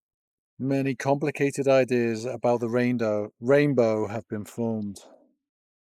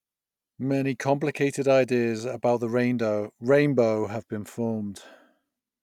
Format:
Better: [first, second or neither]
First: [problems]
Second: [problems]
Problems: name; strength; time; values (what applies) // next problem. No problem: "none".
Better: second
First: noise reduction (neural mask model Resemble Enhance denoiser)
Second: none